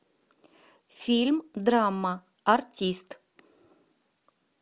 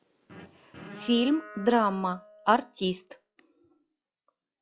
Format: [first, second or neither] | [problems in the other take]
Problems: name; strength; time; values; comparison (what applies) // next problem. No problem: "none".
first | noise reduction (classical method log-MMSE)